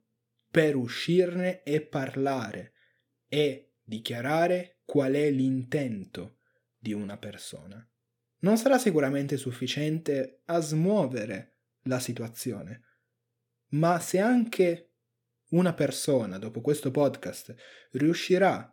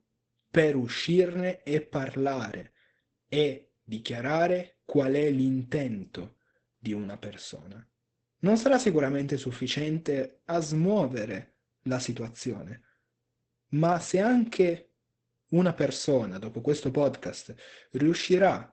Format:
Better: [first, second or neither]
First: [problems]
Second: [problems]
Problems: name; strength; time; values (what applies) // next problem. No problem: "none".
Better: first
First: none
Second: garbled, watery; badly; nothing above 8 kHz